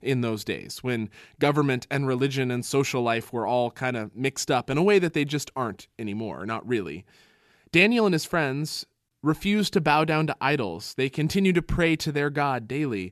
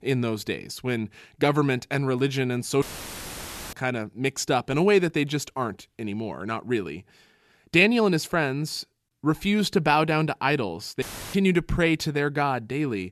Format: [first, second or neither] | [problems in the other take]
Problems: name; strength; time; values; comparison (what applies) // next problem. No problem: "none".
first | audio cutting out; filled with static; at 3 s for 1 s and at 11 s